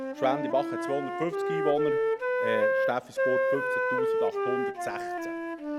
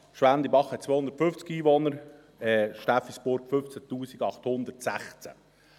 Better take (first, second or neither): second